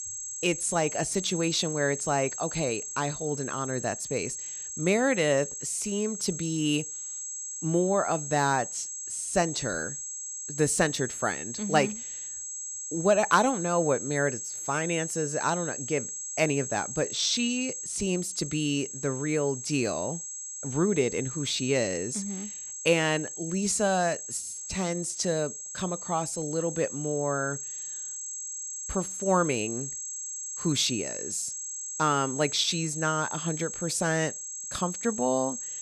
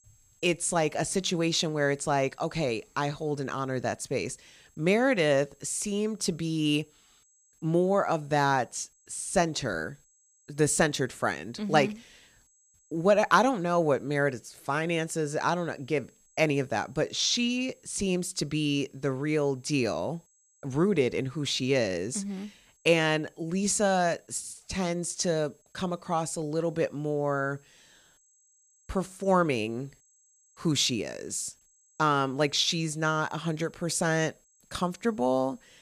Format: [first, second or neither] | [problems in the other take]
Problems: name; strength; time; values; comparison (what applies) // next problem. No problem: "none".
second | high-pitched whine; loud; throughout; 7.5 kHz, 6 dB below the speech; faint in the second